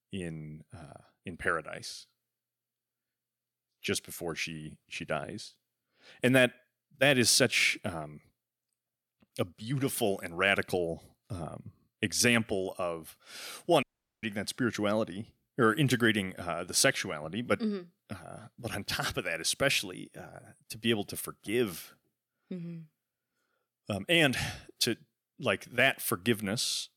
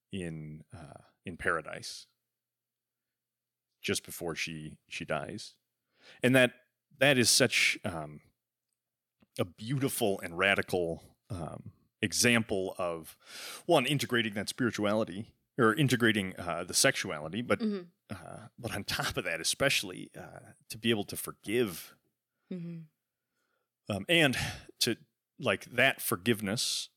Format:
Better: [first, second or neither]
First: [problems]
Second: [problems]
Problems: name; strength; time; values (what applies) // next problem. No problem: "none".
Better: second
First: audio cutting out; at 14 s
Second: none